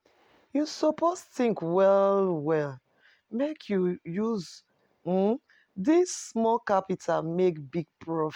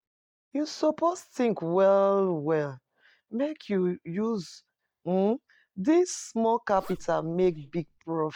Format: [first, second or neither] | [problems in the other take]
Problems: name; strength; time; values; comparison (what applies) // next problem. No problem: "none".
first | noise reduction (neural mask model DeepFilterNet 3)